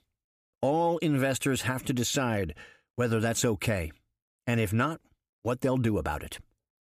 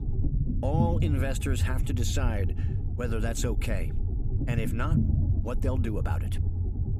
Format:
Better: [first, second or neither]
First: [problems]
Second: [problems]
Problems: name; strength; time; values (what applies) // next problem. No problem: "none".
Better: first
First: none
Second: low rumble; loud; throughout; 6 dB below the speech